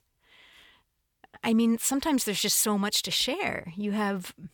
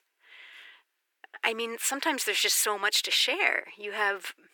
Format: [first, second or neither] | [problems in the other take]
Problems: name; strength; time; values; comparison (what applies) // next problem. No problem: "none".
first | thin; very; fading below 350 Hz